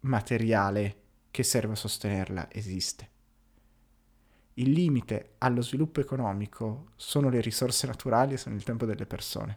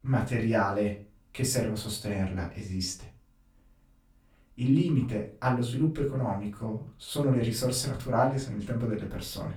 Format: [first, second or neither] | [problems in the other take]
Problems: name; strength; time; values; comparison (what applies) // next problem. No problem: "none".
first | off-mic speech; far // room echo; very slight; dies away in 0.3 s